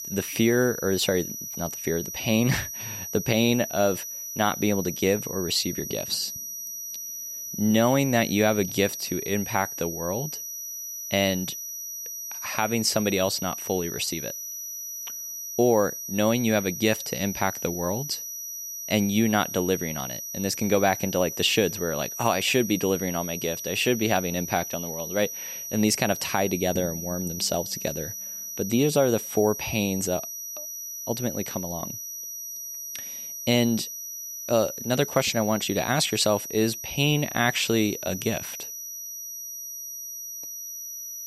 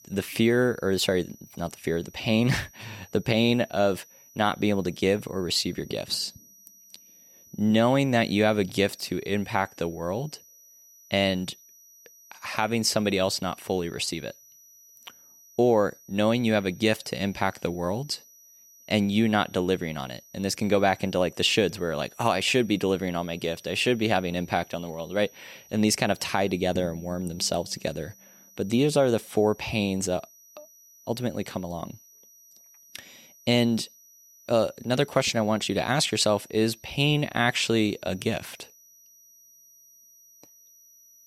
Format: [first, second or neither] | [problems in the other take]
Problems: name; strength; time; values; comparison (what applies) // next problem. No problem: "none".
second | high-pitched whine; loud; throughout; 6 kHz, 7 dB below the speech; faint in the second